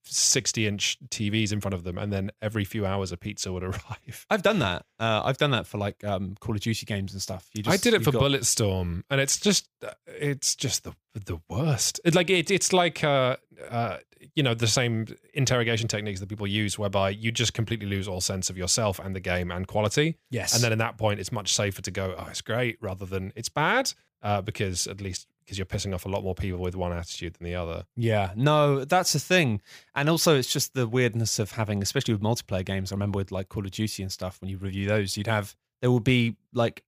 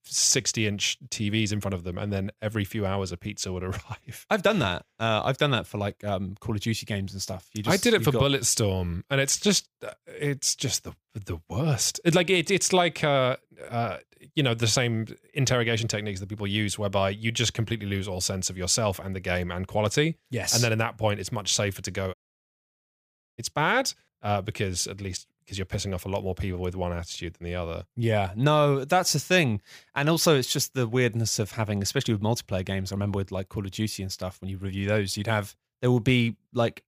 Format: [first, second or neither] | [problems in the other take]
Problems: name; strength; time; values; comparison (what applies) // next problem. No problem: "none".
first | audio cutting out; at 22 s for 1 s